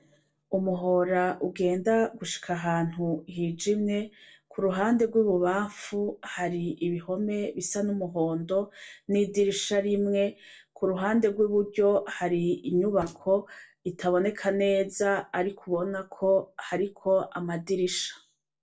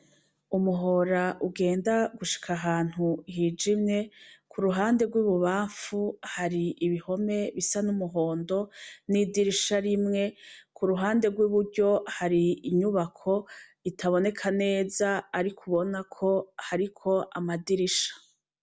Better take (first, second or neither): second